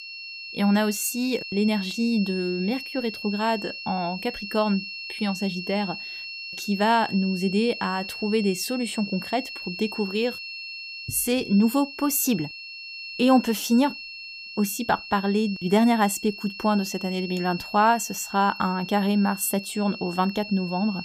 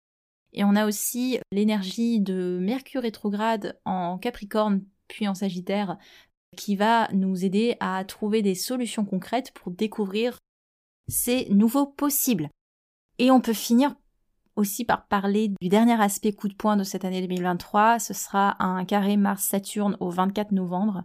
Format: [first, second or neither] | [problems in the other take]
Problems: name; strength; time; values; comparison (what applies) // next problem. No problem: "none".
second | high-pitched whine; loud; throughout; 2.5 kHz, 10 dB below the speech